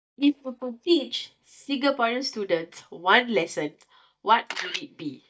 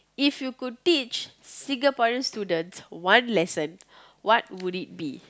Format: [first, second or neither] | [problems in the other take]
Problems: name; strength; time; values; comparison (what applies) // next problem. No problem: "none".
second | noise reduction (neural mask model DeepFilterNet 3)